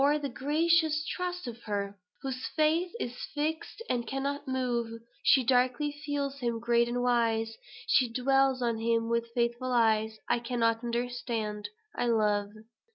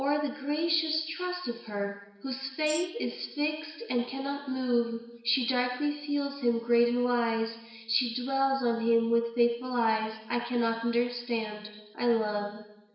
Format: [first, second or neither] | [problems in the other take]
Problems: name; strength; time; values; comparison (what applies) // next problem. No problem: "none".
first | background sound (Tambourine); 13 dB below the speech // room echo; dies away in 1 s